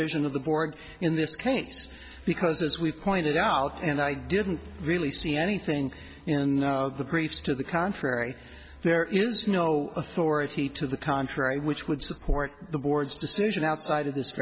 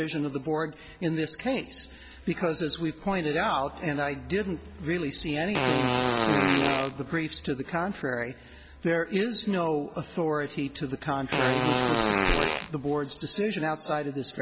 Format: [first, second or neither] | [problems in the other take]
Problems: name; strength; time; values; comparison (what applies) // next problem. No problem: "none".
first | background sound (Fart); 2 dB above the speech